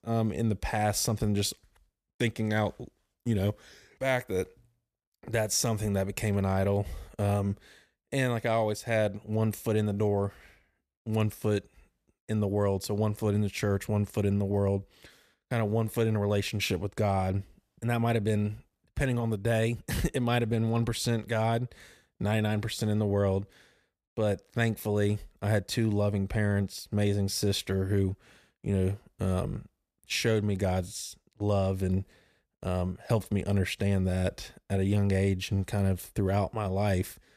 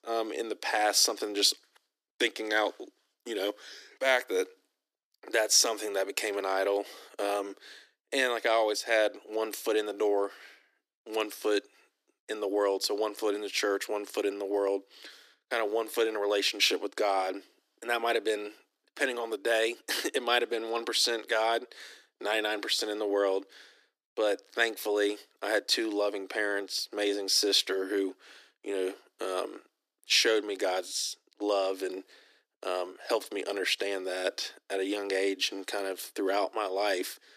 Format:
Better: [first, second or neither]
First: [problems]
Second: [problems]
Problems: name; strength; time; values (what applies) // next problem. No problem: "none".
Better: first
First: none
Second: thin; very; fading below 300 Hz